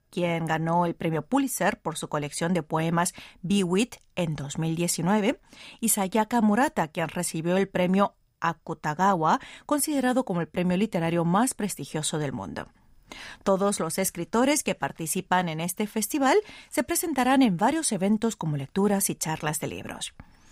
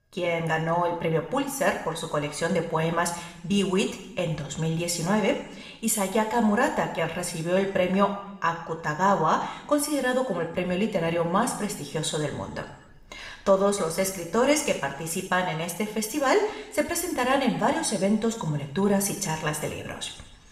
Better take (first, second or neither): first